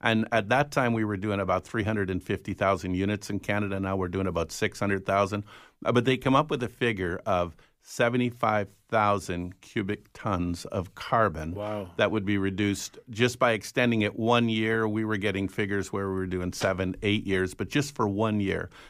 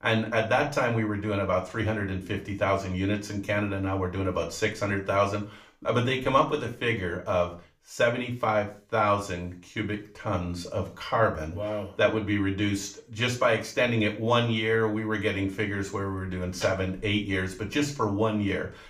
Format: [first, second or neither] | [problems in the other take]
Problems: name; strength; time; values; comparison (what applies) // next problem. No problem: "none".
first | room echo; slight; dies away in 0.3 s // off-mic speech; somewhat distant